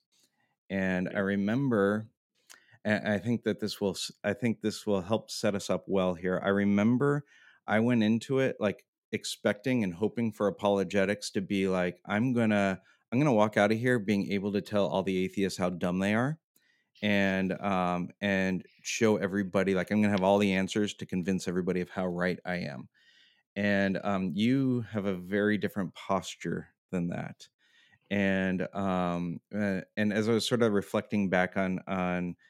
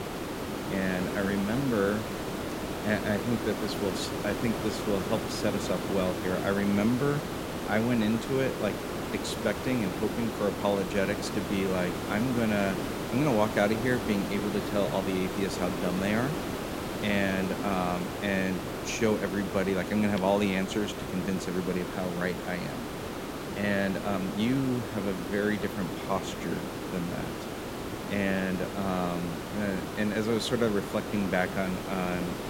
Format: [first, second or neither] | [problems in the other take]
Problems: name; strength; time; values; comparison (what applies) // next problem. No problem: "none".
first | hiss; loud; throughout; 4 dB below the speech